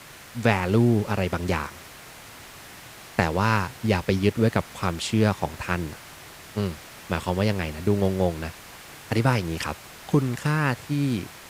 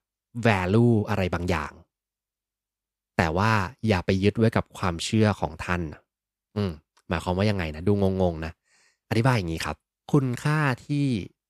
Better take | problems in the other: second | hiss; noticeable; throughout; 15 dB below the speech

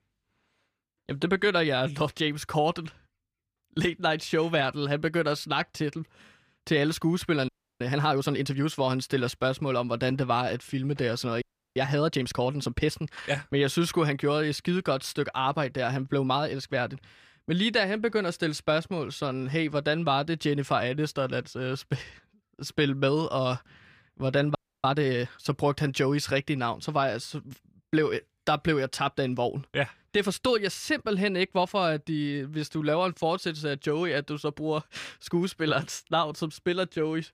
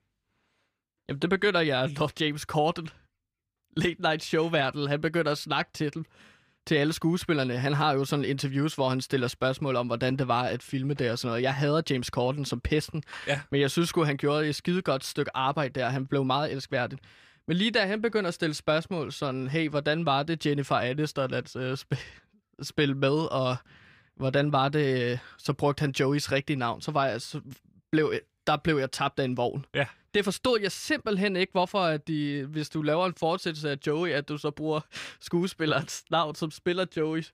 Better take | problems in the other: second | audio freezing; at 7.5 s, at 11 s and at 25 s

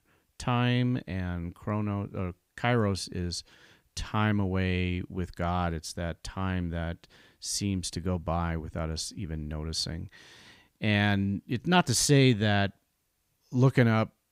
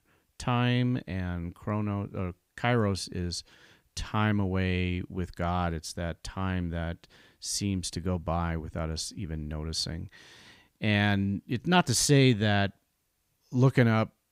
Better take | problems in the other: neither | none

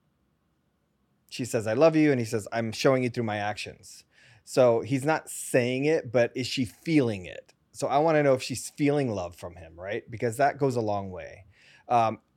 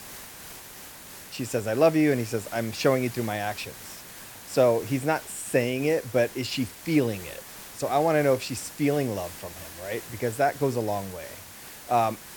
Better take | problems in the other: first | hiss; noticeable; throughout; 15 dB below the speech

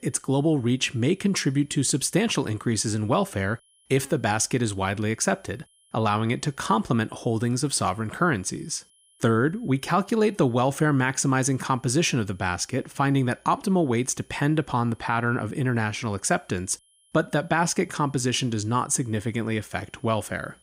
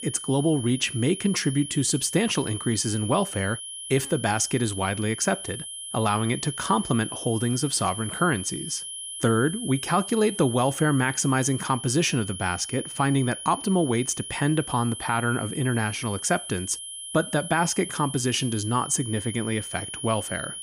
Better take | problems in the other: first | high-pitched whine; loud; throughout; 10.5 kHz, 9 dB below the speech; faint in the first

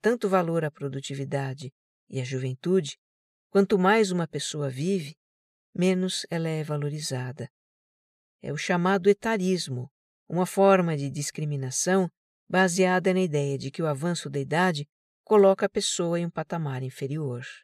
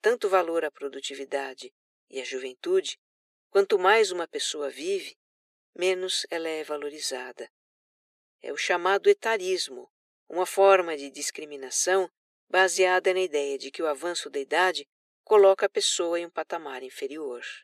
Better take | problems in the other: first | thin; very; fading below 300 Hz

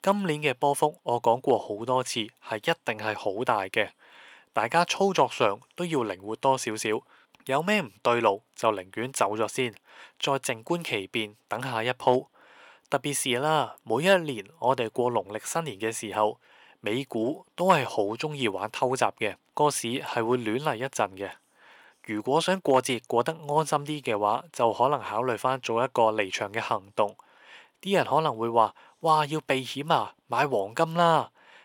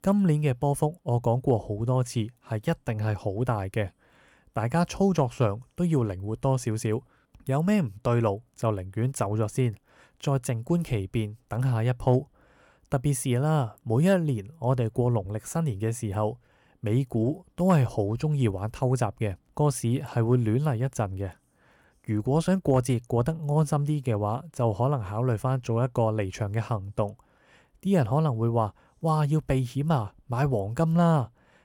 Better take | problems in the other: second | thin; somewhat; fading below 350 Hz

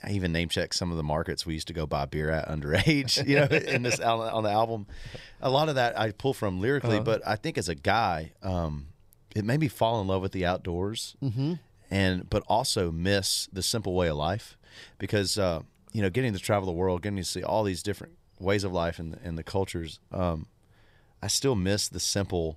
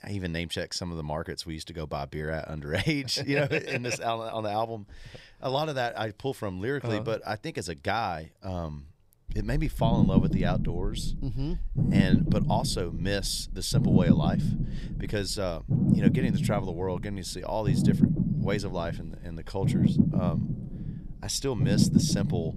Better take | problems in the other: first | low rumble; loud; from 9.5 s on; 2 dB below the speech

